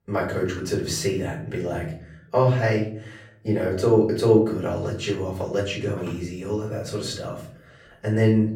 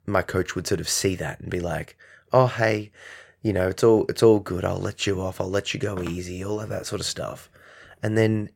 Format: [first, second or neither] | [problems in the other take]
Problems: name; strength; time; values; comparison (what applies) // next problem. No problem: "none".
second | off-mic speech; far // room echo; slight; dies away in 0.7 s